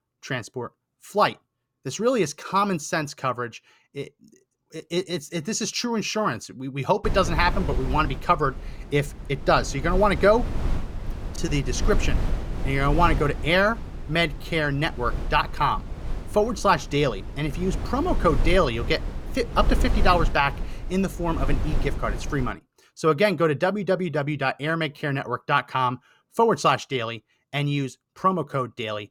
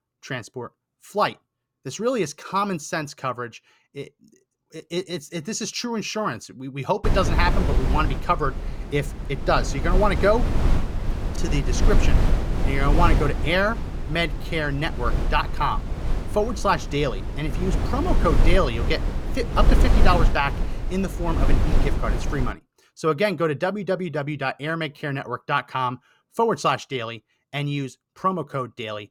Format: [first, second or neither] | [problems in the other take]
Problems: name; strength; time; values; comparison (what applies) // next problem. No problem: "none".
first | wind noise on the microphone; heavy; from 7 to 23 s; 9 dB below the speech; occasional gusts in the first